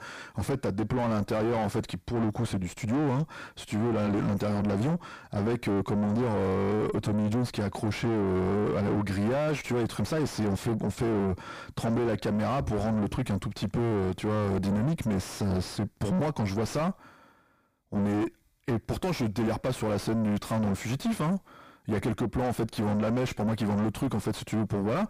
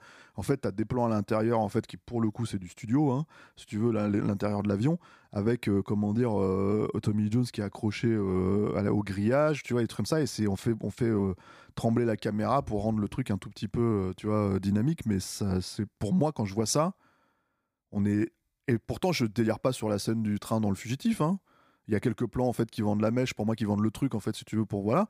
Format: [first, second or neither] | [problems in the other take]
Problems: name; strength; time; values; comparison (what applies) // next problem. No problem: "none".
second | distortion; heavy; 6 dB below the speech